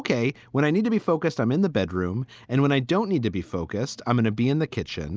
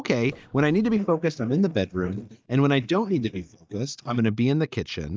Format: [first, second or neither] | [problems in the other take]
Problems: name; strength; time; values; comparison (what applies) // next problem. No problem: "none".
first | noise reduction (neural mask model DeepFilterNet 3)